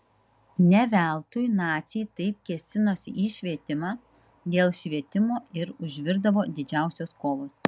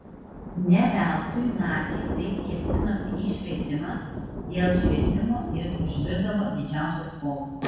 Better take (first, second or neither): first